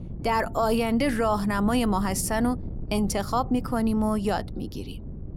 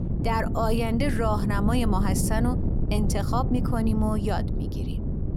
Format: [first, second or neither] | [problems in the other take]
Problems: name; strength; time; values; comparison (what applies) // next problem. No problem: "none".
first | wind noise on the microphone; heavy; 8 dB below the speech; occasional gusts in the first